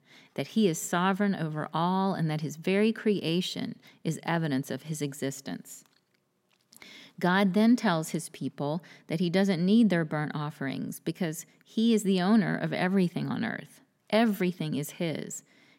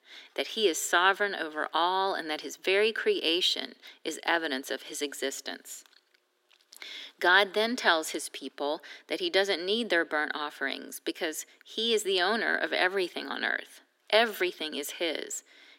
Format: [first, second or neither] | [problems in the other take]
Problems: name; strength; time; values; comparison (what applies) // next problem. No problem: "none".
first | thin; very; fading below 300 Hz